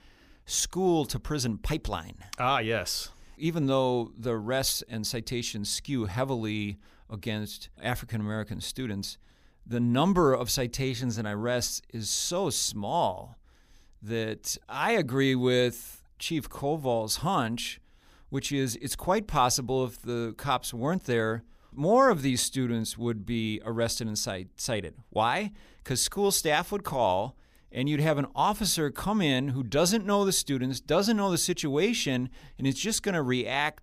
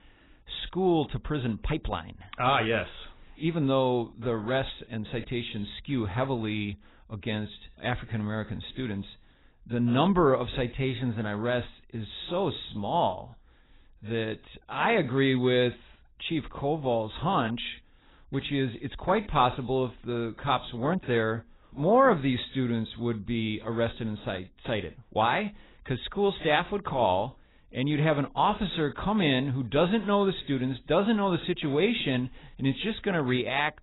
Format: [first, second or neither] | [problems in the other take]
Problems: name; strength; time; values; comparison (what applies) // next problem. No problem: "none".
first | garbled, watery; badly; nothing above 4 kHz